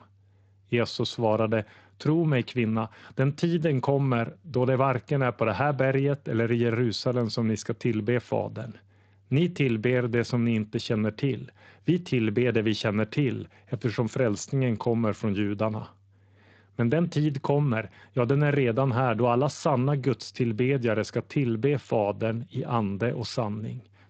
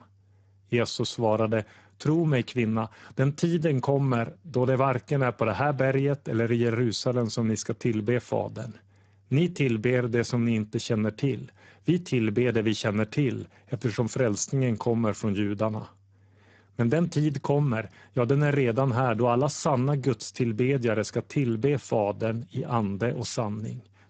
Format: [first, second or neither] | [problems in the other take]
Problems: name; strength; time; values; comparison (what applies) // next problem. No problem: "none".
first | garbled, watery; badly; nothing above 7.5 kHz; slightly in the first